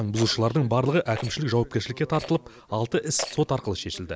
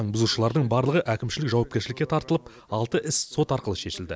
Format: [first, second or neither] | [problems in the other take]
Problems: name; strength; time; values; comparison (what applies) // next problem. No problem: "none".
second | background sound (Rattle); 17 dB below the speech